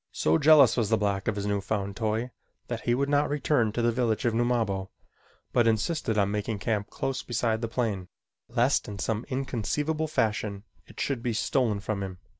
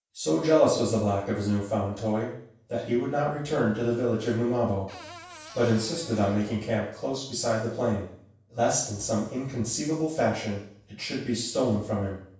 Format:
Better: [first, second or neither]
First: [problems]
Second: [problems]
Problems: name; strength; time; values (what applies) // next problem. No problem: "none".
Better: first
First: none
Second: background sound (Cupboard open or close / Door); 18 dB below the speech // room echo; dies away in 0.7 s